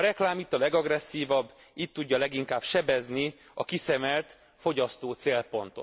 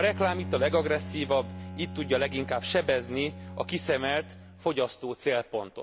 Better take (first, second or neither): first